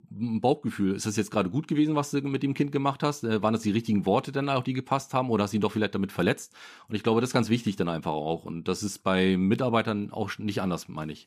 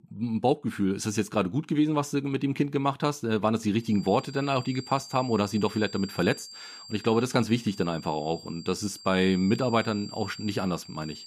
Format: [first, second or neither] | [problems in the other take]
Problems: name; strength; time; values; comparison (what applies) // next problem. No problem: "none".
first | high-pitched whine; noticeable; from 4 s on; 4.5 kHz, 15 dB below the speech